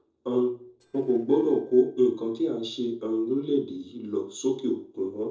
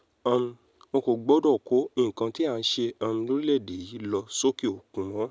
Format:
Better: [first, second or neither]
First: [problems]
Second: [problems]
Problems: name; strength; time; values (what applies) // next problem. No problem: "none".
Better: second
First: noise reduction (neural separator model SepFormer DNS4)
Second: none